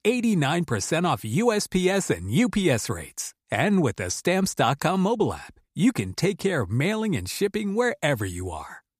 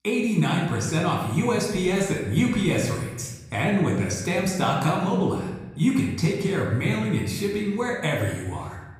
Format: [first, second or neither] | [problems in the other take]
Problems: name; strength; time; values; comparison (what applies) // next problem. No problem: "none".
first | off-mic speech; far // room echo; noticeable; dies away in 1 s